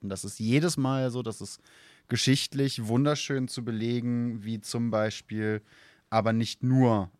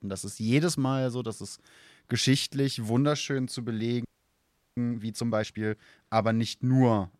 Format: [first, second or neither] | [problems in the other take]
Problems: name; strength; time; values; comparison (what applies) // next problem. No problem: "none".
first | audio freezing; at 4 s for 0.5 s